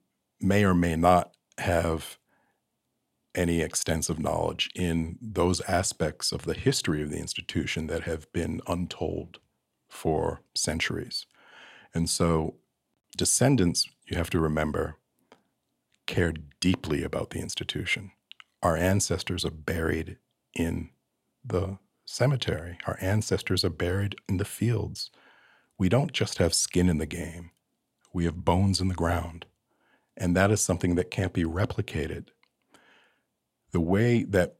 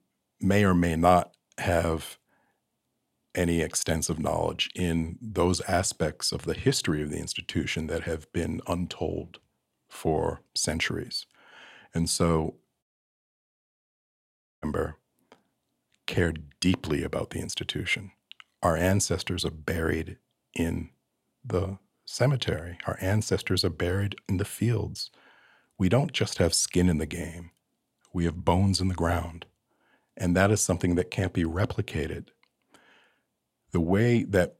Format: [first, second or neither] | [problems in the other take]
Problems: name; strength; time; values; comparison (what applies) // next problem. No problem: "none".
first | audio cutting out; at 13 s for 2 s